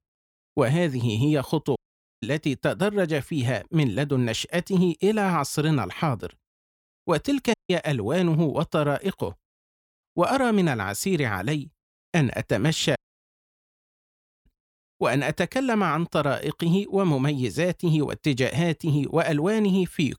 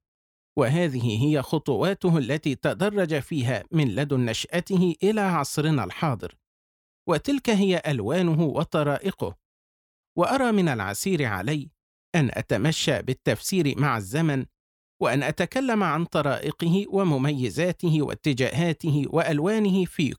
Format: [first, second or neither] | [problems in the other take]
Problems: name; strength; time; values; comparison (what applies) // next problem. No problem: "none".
second | audio cutting out; at 2 s, at 7.5 s and at 13 s for 1.5 s